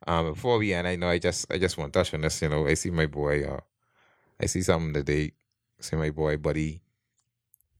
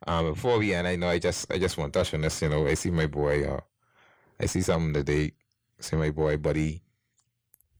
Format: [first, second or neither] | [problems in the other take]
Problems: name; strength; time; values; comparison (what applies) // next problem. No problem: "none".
first | distortion; slight; 10 dB below the speech